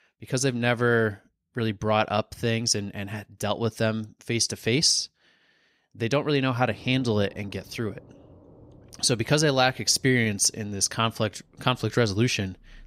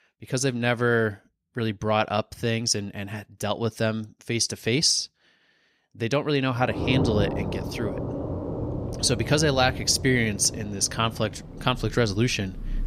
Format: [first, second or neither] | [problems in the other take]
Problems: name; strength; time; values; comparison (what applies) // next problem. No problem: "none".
first | rain or running water; loud; from 6.5 s on; 8 dB below the speech; faint in the first